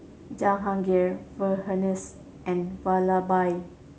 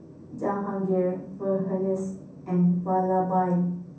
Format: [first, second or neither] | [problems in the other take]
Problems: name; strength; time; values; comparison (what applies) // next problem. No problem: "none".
first | room echo; dies away in 0.6 s